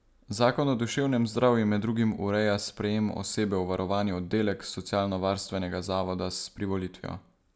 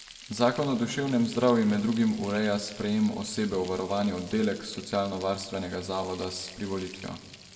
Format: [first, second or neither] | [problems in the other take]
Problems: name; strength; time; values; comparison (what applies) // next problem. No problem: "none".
first | background sound (Frying (food)); 19 dB below the speech // room echo; dies away in 1.3 s